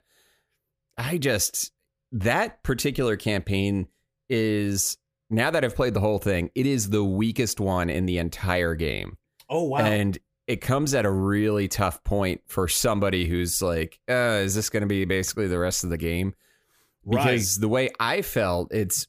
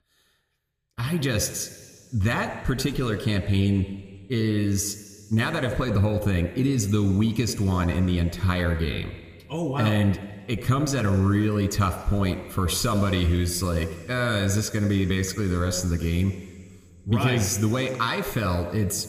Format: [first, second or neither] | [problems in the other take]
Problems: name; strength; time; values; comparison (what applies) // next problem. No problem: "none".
first | room echo; very slight; dies away in 2 s